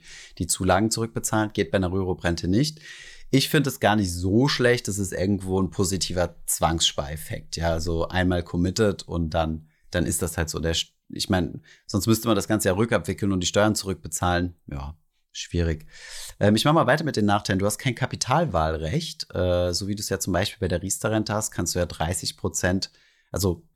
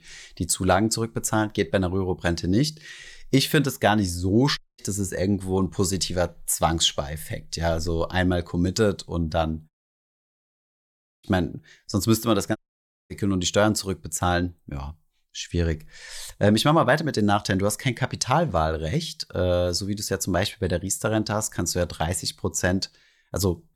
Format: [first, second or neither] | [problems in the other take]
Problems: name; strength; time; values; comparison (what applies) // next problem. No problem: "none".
first | audio cutting out; at 4.5 s, at 9.5 s for 1.5 s and at 13 s for 0.5 s